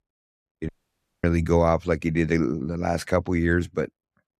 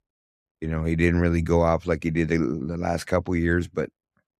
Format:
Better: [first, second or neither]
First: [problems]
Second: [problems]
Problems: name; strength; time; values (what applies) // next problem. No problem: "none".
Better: second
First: audio cutting out; at 0.5 s for 0.5 s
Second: none